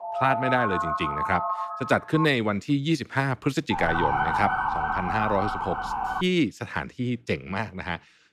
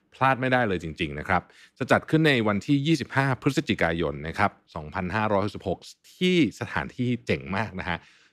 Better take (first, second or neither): second